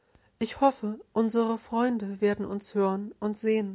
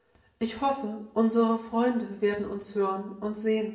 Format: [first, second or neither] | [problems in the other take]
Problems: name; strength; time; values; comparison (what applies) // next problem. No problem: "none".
first | room echo; dies away in 0.6 s